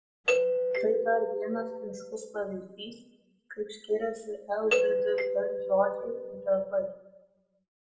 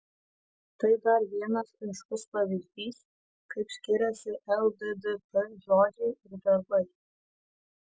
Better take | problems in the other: second | background sound (Doorbell); 2 dB above the speech // room echo; dies away in 0.6 s

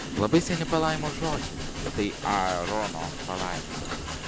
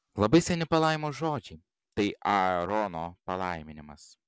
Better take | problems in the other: second | background sound (Train); 4 dB below the speech

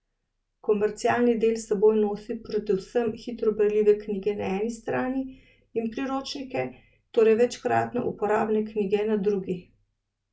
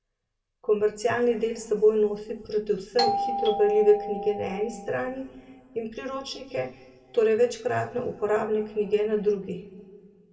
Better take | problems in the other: first | background sound (Doorbell); 4 dB below the speech // room echo; dies away in 1.4 s

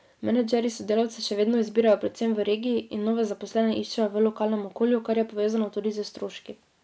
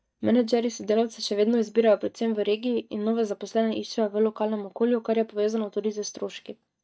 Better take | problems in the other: first | noise reduction (neural mask model DeepFilterNet 3)

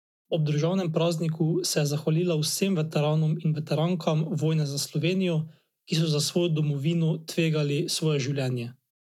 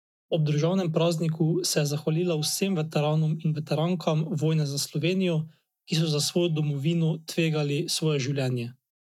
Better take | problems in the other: first | noise reduction (neural mask model DeepFilterNet 3)

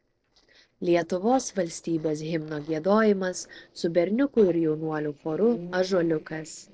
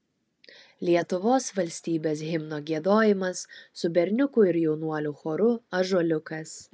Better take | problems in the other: second | noise reduction (neural separator model SepFormer DNS4)

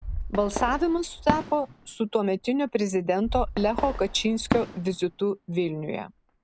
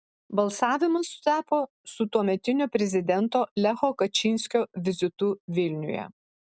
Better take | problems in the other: second | background sound (Fireworks); 8 dB below the speech

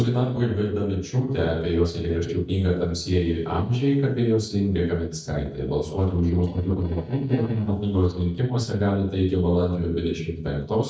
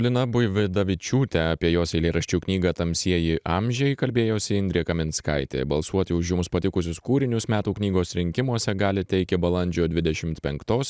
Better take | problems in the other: second | noise reduction (neural mask model DeepFilterNet 3)

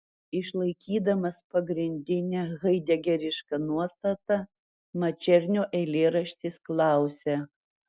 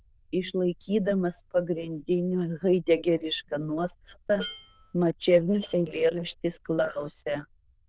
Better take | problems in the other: first | noise reduction (neural diffusion model UNIVERSE++)

